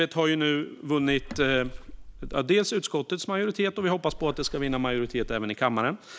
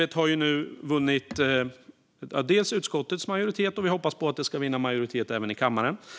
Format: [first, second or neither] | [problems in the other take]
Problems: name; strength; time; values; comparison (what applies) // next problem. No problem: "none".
second | background sound (Water / Splash, splatter); 11 dB below the speech